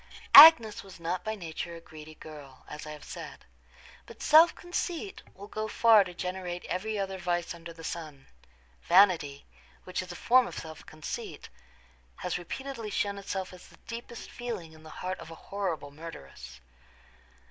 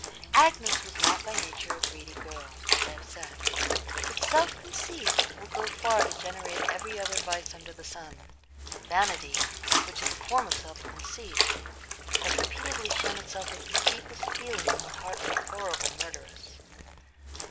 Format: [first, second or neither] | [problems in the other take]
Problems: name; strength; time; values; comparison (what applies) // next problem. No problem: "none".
first | background sound (Trickle, dribble / Splash, splatter); 2 dB above the speech